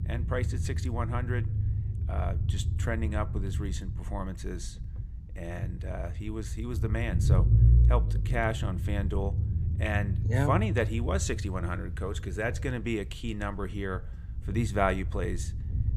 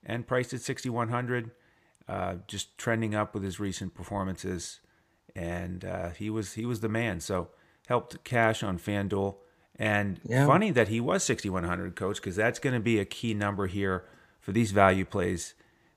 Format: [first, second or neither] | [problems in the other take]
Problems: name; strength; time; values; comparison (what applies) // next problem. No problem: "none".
second | low rumble; noticeable; throughout; 10 dB below the speech